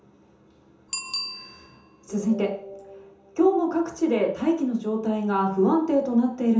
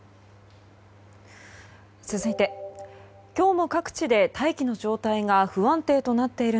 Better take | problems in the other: second | background sound (Bicycle bell); 17 dB below the speech // room echo; dies away in 0.6 s

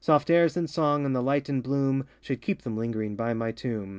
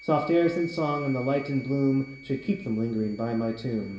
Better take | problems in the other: first | background sound (Wind instrument, woodwind instrument); 19 dB below the speech // room echo; dies away in 0.8 s

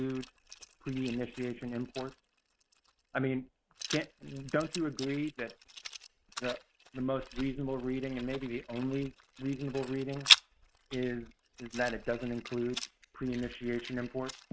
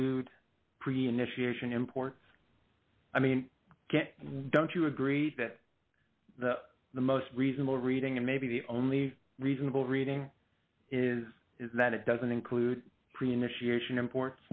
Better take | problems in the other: second | noise reduction (neural mask model RNNoise)

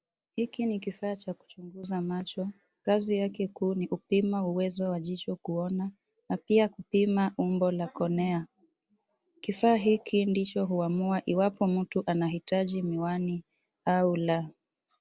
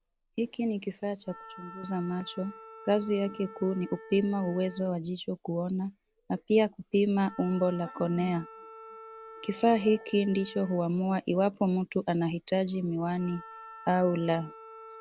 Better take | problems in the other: first | background sound (Wind instrument, woodwind instrument); 19 dB below the speech

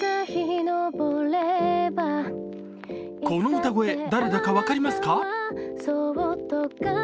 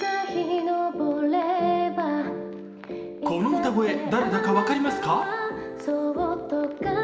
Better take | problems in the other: first | room echo; dies away in 1.7 s

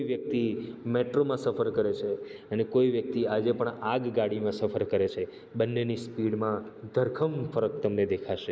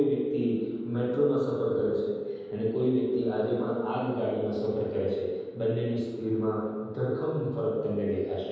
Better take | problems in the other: first | room echo; dies away in 1.2 s

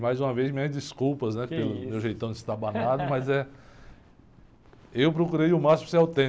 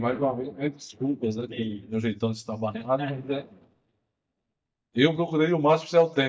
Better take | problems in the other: first | noise reduction (neural mask model DeepFilterNet 3)

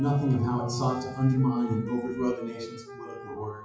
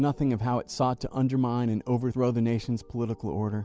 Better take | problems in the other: second | noise reduction (classical method WPE with log-MMSE)

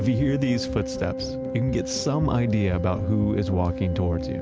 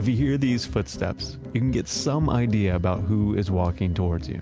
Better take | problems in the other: second | background sound (Organ); 8 dB below the speech

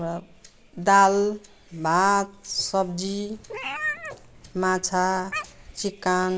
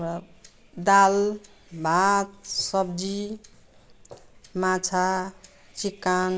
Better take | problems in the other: second | background sound (Meow); 10 dB below the speech

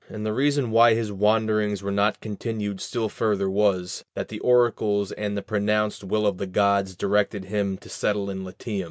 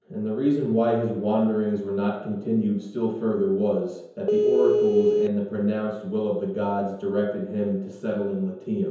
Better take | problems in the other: first | background sound (Telephone); 4 dB above the speech // room echo; dies away in 0.9 s

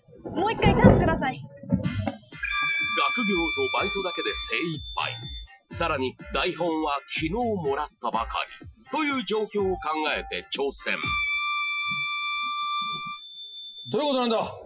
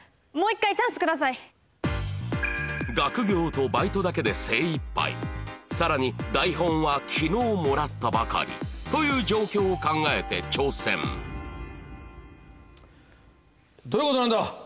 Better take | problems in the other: second | noise reduction (classical method Wiener filter)

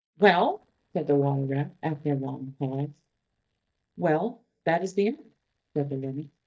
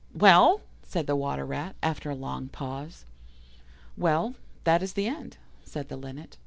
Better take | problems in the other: second | noise reduction (neural mask model DeepFilterNet 3)

